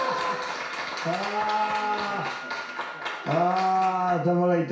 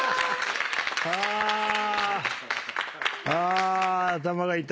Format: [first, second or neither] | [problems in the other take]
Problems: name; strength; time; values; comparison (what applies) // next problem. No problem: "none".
second | background sound (Wind instrument, woodwind instrument); 17 dB below the speech // room echo; dies away in 0.6 s